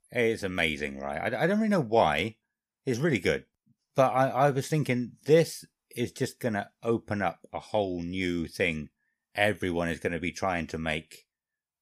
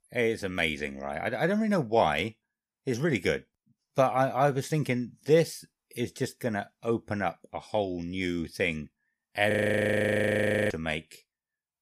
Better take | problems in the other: first | audio freezing; at 9.5 s for 1 s

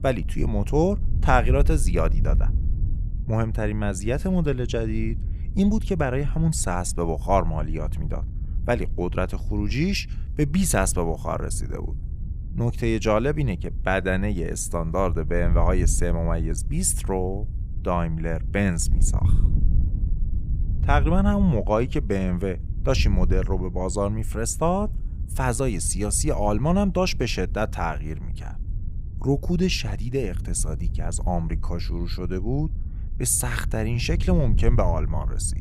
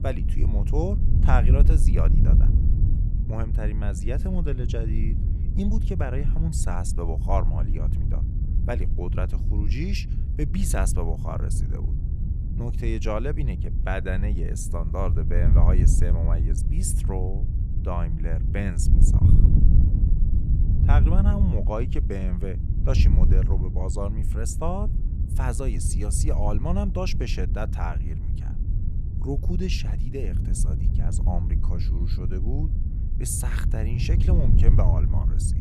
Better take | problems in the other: first | wind noise on the microphone; heavy; 6 dB below the speech; occasional gusts in the first

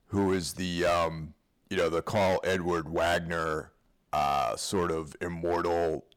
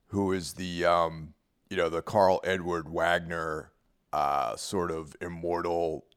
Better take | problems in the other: second | distortion; heavy; 8% of the sound clipped

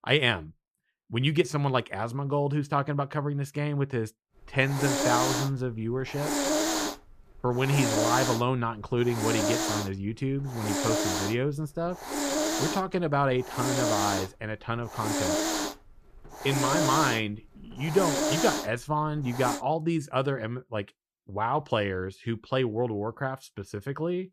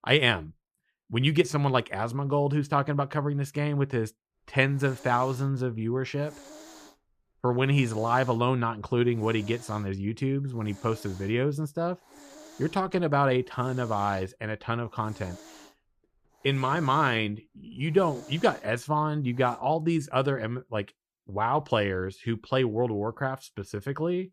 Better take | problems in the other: second | hiss; loud; from 4.5 to 20 s; as loud as the speech; faint in the second

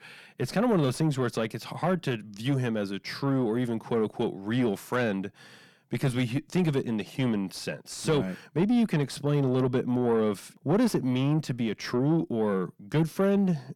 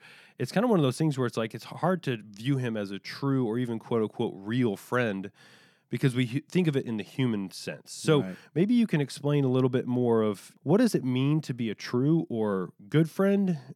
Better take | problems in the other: second | distortion; slight; 10 dB below the speech

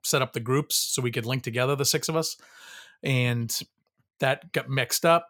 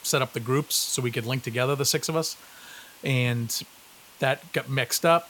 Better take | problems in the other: first | hiss; faint; throughout; 20 dB below the speech

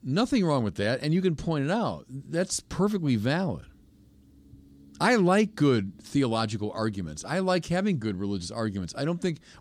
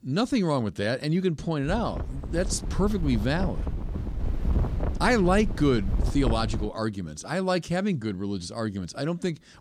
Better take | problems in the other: first | wind noise on the microphone; occasional gusts; from 1.5 to 6.5 s; 10 dB below the speech

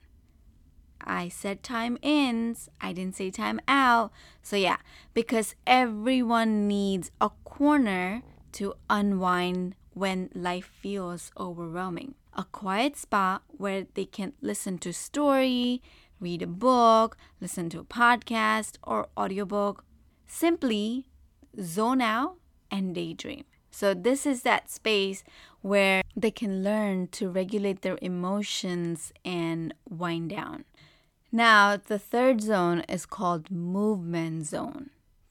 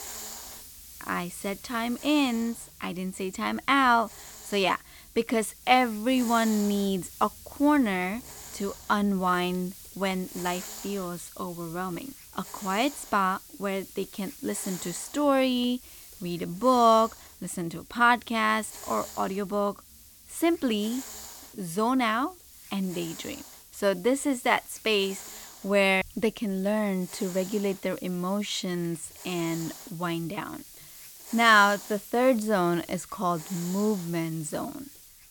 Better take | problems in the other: first | hiss; noticeable; throughout; 15 dB below the speech

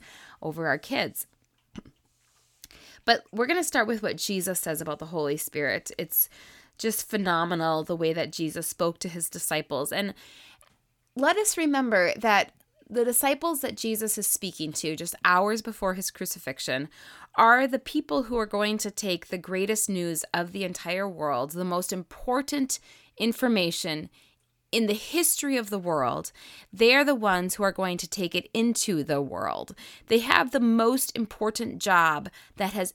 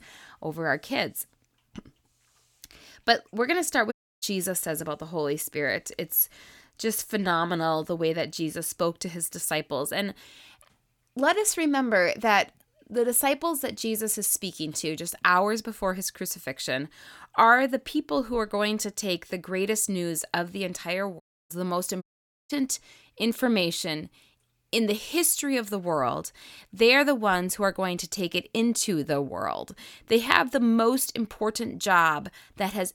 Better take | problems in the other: first | audio cutting out; at 4 s, at 21 s and at 22 s

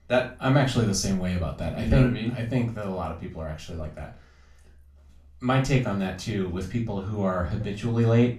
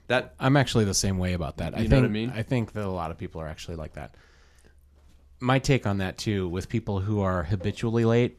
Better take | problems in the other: second | off-mic speech; far // room echo; slight; dies away in 0.3 s

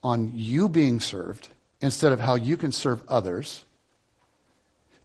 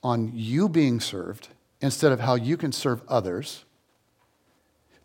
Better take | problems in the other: second | garbled, watery; slightly

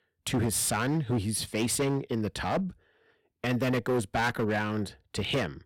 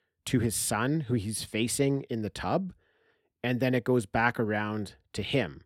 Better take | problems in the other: second | distortion; heavy; 11% of the sound clipped

